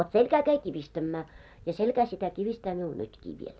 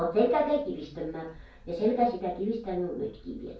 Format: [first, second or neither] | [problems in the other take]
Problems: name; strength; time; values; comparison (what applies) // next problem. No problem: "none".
first | room echo; dies away in 0.3 s